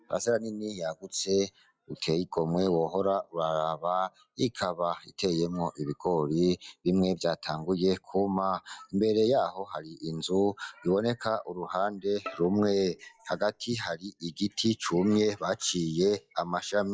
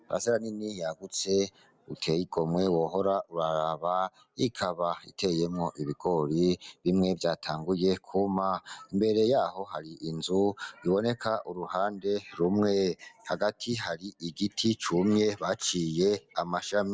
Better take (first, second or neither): second